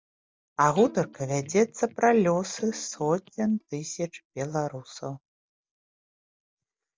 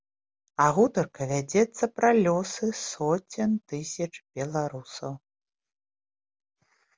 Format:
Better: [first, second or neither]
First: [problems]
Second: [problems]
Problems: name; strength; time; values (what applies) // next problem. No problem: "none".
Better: second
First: noise reduction (neural mask model DeepFilterNet 3)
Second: none